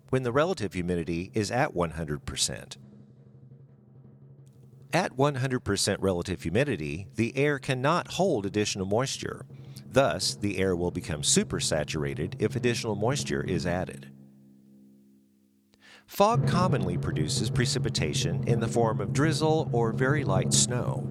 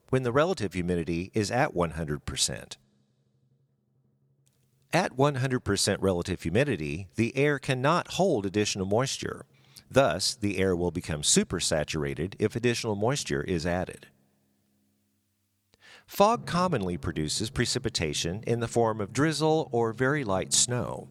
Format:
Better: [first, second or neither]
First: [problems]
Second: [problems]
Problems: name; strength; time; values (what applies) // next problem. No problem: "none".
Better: second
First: background music; loud; throughout; 5 dB below the speech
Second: background music; faint; throughout; 25 dB below the speech